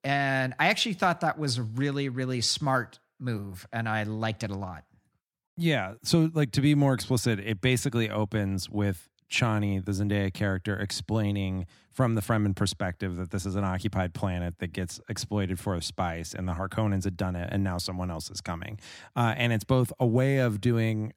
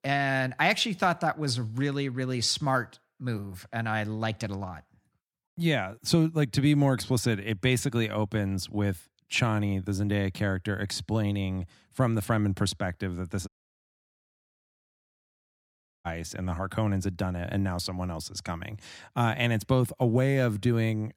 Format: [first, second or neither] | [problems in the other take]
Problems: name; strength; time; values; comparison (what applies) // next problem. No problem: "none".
first | audio cutting out; at 13 s for 2.5 s